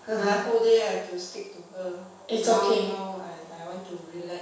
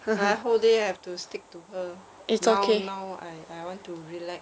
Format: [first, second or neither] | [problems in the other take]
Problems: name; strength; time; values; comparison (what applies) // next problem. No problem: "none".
second | room echo; dies away in 0.7 s